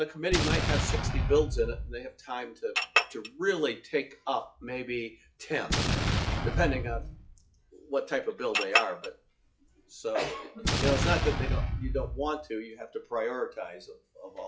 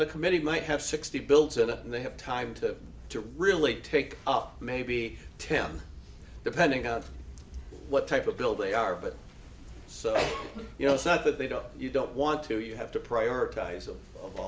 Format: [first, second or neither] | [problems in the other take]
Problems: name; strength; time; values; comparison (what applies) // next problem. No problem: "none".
second | noise reduction (classical method log-MMSE)